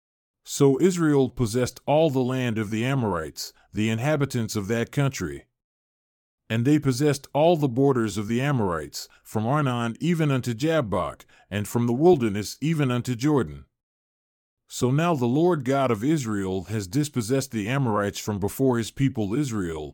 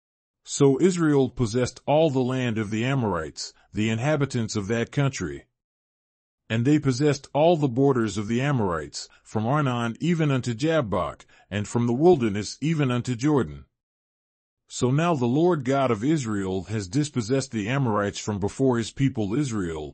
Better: first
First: none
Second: garbled, watery; slightly; nothing above 8 kHz

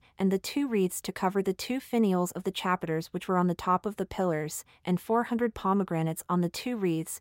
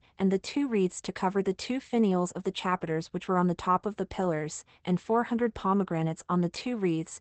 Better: first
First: none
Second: garbled, watery; badly; nothing above 8 kHz

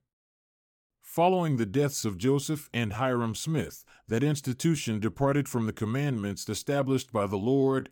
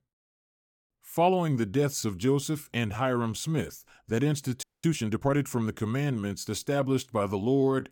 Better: first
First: none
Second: audio freezing; at 4.5 s

